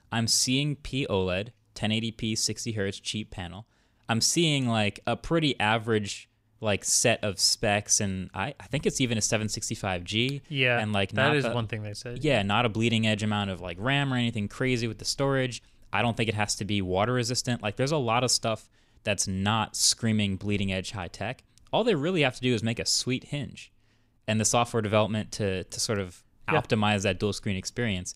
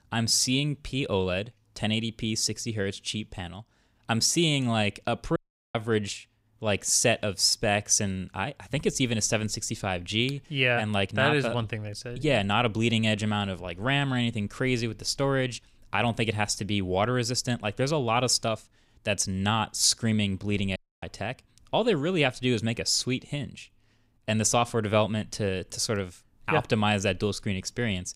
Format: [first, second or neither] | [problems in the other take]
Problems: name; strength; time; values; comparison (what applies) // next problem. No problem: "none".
first | audio cutting out; at 5.5 s and at 21 s